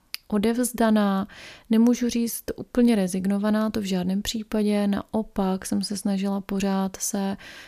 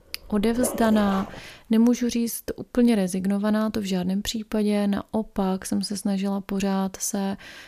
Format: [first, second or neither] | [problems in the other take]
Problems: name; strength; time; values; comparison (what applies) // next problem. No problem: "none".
first | dog barking; noticeable; until 1.5 s; peak 6 dB below the speech